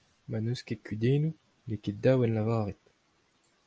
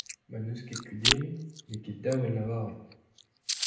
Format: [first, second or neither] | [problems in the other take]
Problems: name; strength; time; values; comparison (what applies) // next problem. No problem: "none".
first | background sound (Chewing, mastication); 1 dB below the speech // room echo; dies away in 0.7 s